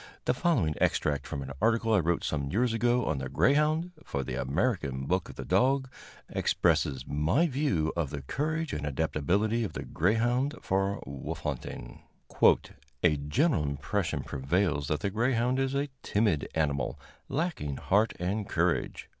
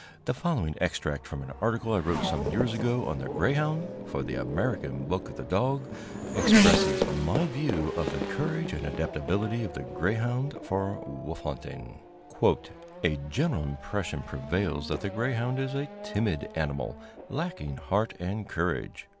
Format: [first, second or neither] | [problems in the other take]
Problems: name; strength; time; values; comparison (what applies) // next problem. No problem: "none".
first | background sound (Race car, auto racing / Accelerating, revving, vroom); 3 dB below the speech